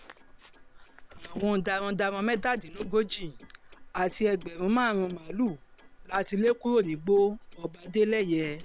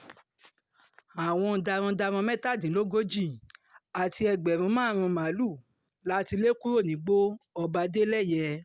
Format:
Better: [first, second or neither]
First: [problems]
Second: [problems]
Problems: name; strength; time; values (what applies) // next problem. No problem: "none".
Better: second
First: noise reduction (neural separator model SepFormer WHAM!)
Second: none